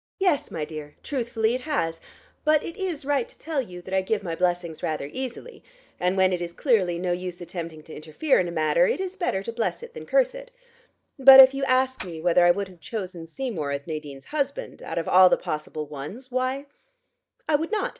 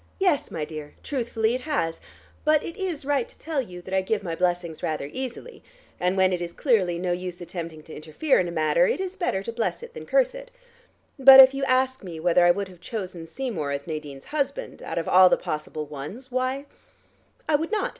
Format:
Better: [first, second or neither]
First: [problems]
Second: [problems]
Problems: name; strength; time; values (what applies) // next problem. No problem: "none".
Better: second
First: noise reduction (neural mask model DeepFilterNet 3)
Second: none